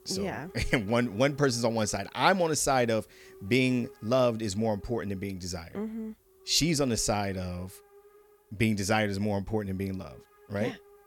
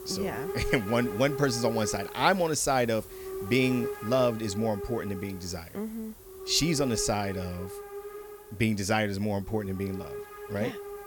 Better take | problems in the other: first | hiss; loud; throughout; 10 dB below the speech; faint in the first

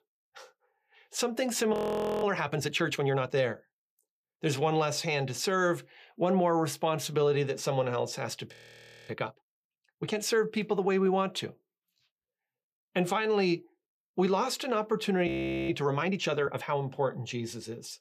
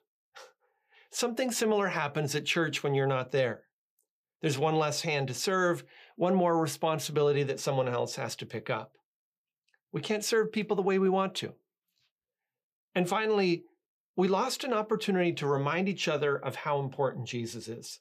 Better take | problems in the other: second | audio freezing; at 1.5 s, at 8.5 s for 0.5 s and at 15 s

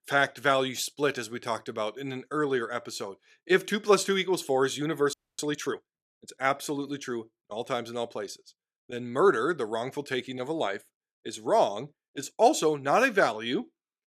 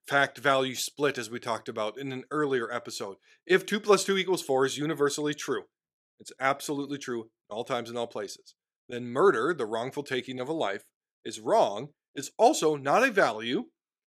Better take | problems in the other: second | audio freezing; at 5 s

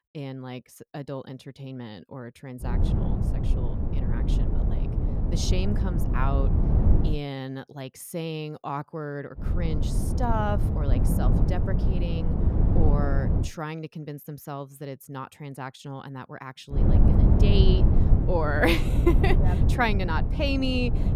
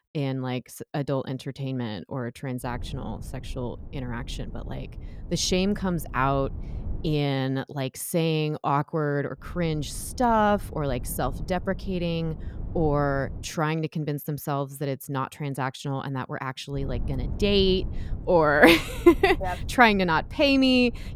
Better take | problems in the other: second | low rumble; loud; from 2.5 to 7 s, from 9.5 to 13 s and from 17 s on; 4 dB below the speech; faint in the second

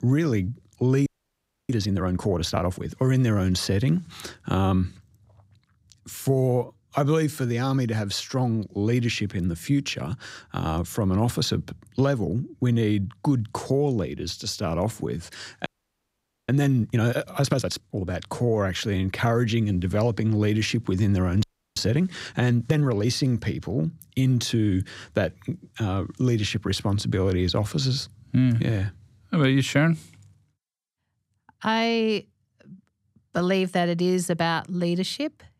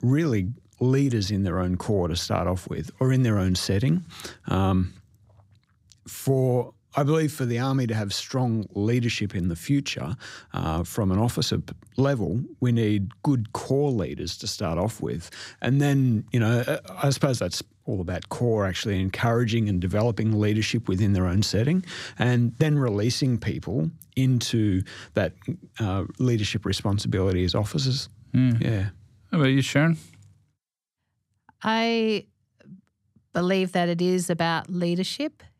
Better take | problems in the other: second | audio freezing; at 1 s for 0.5 s, at 16 s for 1 s and at 21 s

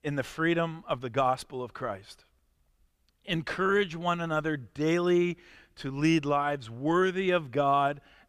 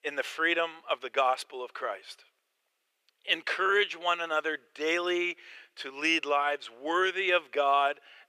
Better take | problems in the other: first | thin; very; fading below 400 Hz

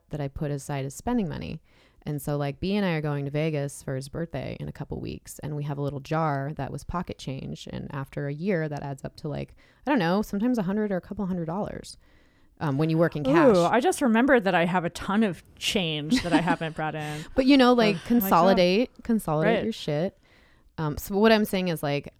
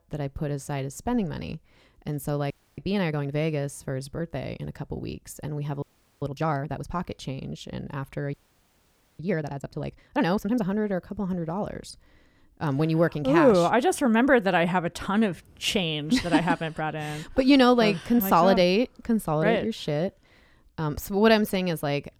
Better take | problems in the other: first | audio freezing; at 2.5 s, at 6 s and at 8.5 s for 1 s

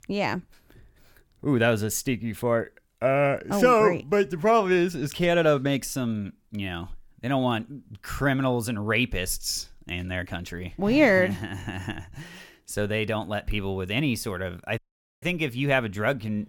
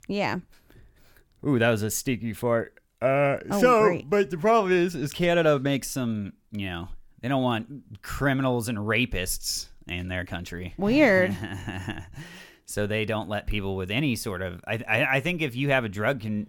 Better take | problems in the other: second | audio cutting out; at 15 s

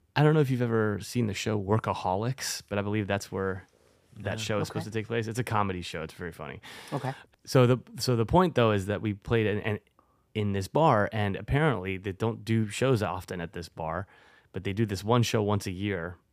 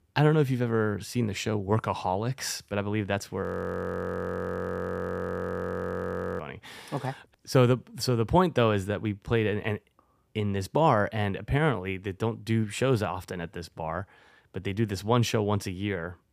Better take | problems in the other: first | audio freezing; at 3.5 s for 3 s

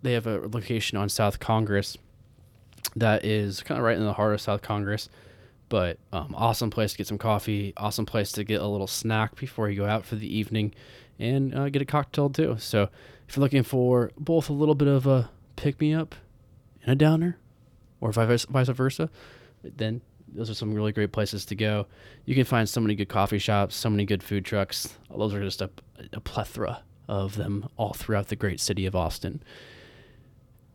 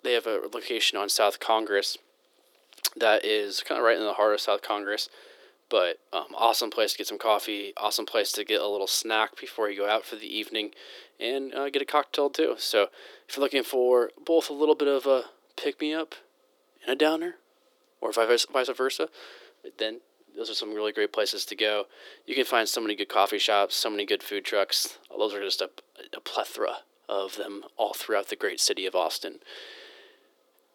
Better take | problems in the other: first | thin; very; fading below 350 Hz

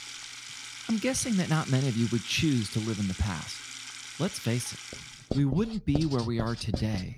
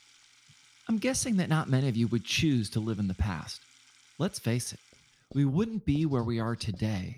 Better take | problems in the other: second | household noises; loud; throughout; 9 dB below the speech; faint in the second

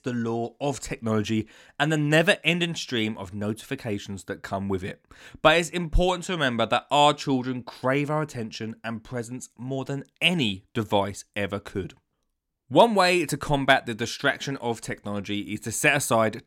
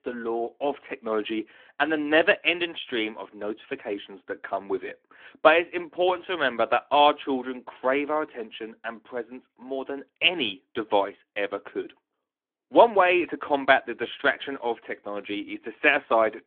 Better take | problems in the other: first | phone-call audio; nothing above 3.5 kHz

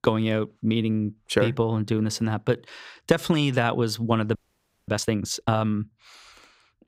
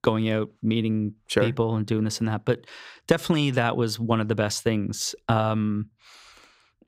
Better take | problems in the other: second | audio freezing; at 4.5 s for 0.5 s

